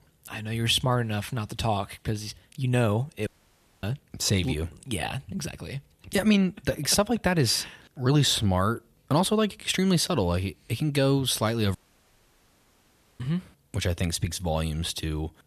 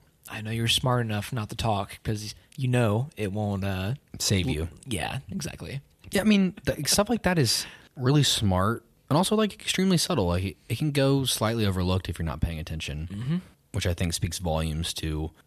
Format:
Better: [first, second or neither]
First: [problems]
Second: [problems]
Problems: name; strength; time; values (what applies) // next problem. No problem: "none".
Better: second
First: audio cutting out; at 3.5 s for 0.5 s and at 12 s for 1.5 s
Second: none